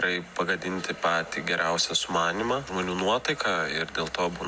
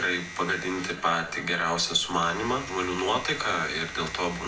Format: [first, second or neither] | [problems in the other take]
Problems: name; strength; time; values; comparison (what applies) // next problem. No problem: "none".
first | background sound (Domestic sounds, home sounds); 15 dB below the speech // room echo; dies away in 0.3 s